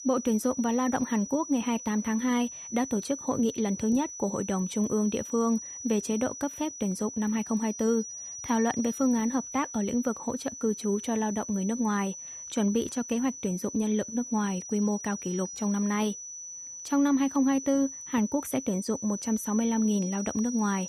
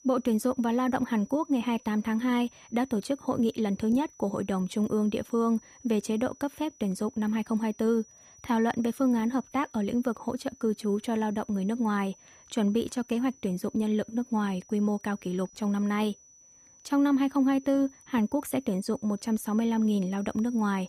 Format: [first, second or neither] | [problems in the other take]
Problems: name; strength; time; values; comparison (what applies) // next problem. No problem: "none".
second | high-pitched whine; loud; throughout; 6 kHz, 9 dB below the speech; faint in the second